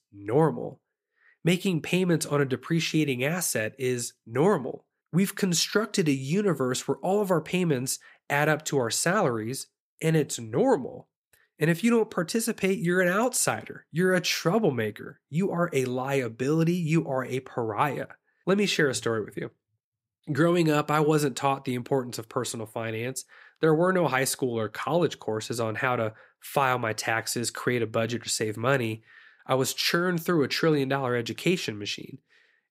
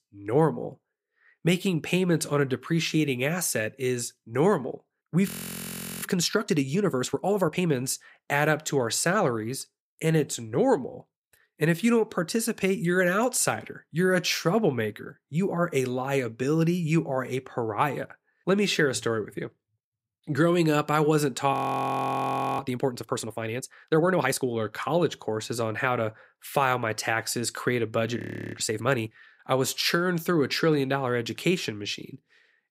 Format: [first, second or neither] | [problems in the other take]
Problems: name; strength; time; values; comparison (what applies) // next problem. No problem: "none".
first | audio freezing; at 5.5 s for 0.5 s, at 22 s for 1 s and at 28 s